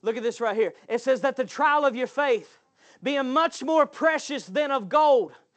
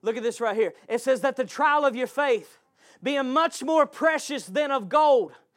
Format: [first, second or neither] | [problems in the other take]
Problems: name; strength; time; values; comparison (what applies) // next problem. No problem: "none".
second | garbled, watery; slightly; nothing above 8 kHz